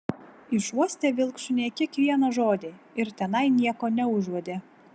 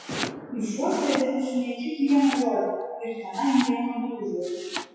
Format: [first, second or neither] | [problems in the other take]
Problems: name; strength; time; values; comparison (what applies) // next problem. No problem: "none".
first | noise reduction (classical method WPE with log-MMSE)